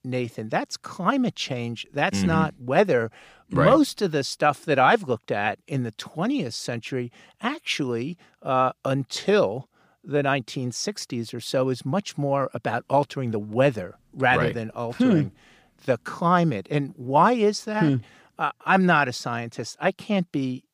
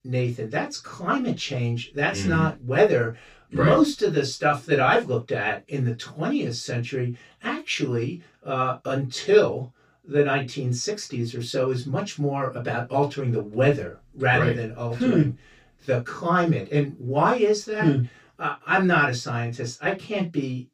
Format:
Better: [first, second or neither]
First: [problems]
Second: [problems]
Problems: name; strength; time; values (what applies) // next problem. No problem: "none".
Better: first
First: none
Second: room echo; very slight; dies away in 0.2 s // off-mic speech; far